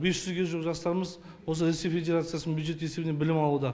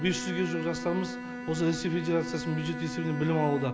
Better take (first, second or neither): first